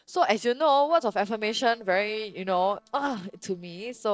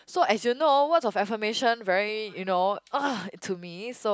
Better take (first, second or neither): second